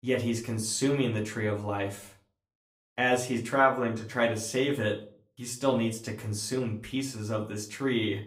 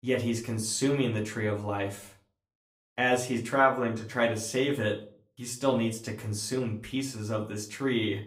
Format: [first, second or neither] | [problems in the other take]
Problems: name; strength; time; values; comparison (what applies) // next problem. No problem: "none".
neither | off-mic speech; far; the same in both // room echo; very slight; dies away in 0.3 s; the same in both